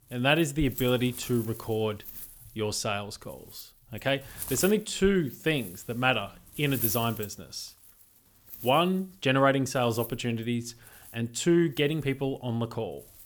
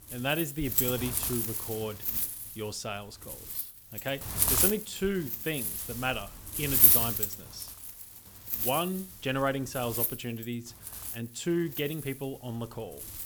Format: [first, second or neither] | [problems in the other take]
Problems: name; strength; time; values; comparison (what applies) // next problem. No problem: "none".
first | wind noise on the microphone; heavy; as loud as the speech; occasional gusts in the first